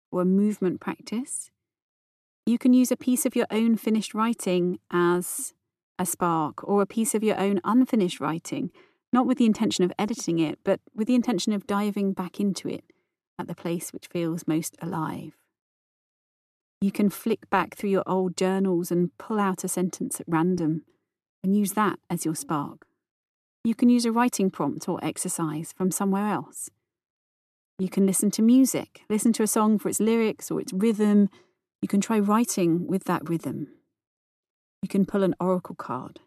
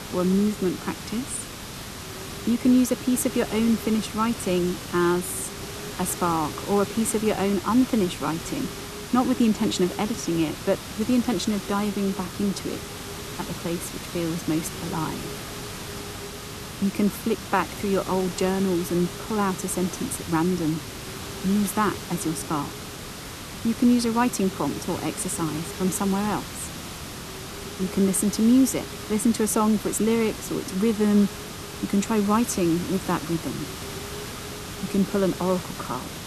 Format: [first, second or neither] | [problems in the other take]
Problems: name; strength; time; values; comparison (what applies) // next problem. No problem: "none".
first | hiss; loud; throughout; 10 dB below the speech